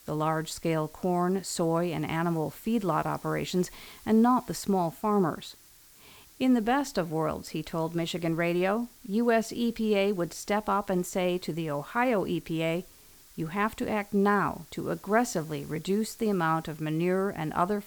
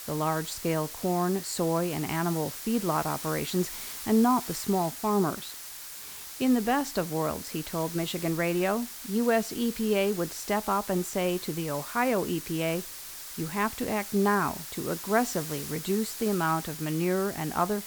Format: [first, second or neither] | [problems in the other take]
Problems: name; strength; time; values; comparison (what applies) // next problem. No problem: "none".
first | hiss; loud; throughout; 9 dB below the speech; faint in the first